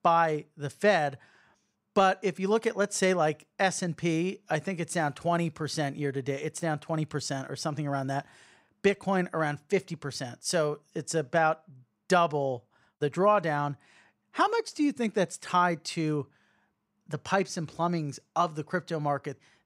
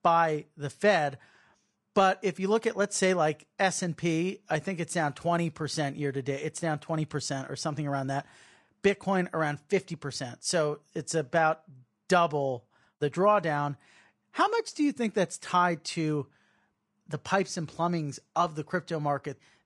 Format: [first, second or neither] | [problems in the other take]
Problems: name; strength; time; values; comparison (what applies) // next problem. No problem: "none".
first | garbled, watery; slightly